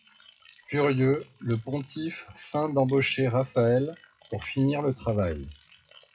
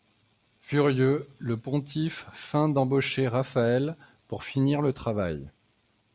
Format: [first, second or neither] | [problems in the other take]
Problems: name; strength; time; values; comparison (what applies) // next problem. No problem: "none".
second | noise reduction (classical method WPE with log-MMSE)